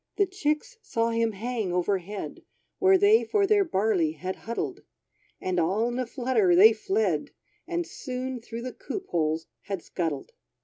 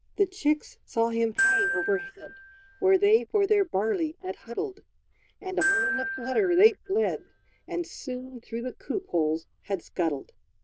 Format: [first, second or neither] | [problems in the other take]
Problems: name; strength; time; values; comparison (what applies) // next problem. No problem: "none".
first | noise reduction (neural diffusion model UNIVERSE++)